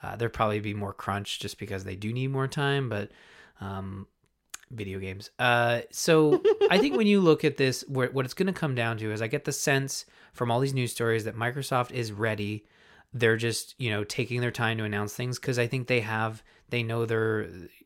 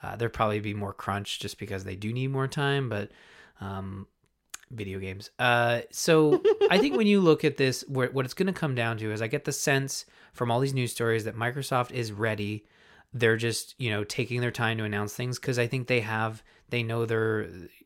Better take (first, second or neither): neither